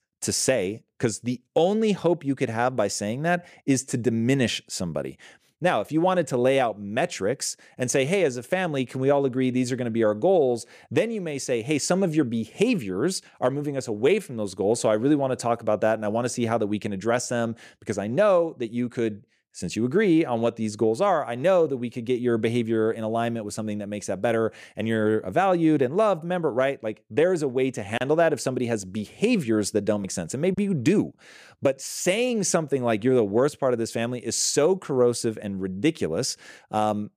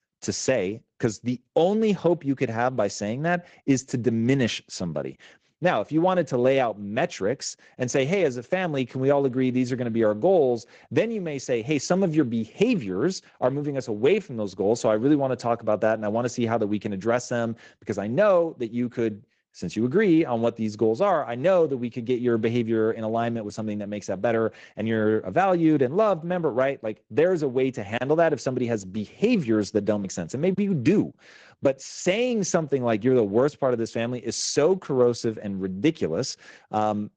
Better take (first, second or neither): first